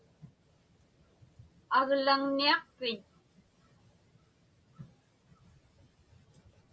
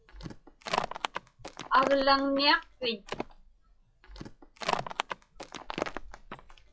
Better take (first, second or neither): first